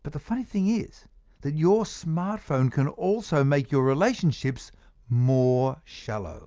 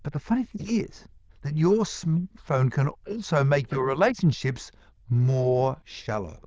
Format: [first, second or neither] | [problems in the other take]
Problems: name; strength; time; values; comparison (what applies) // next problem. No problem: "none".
first | noise reduction (neural diffusion model UNIVERSE++)